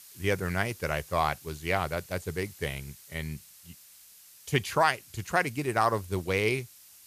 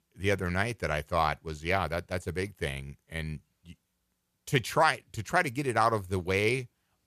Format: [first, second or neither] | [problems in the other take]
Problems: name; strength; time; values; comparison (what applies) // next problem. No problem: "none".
second | hiss; noticeable; throughout; 20 dB below the speech